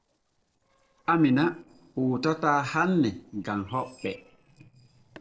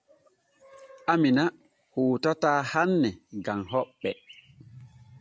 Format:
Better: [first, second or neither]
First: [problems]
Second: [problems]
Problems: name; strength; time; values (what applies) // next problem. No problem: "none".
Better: second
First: noise reduction (neural separator model SepFormer DNS4)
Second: none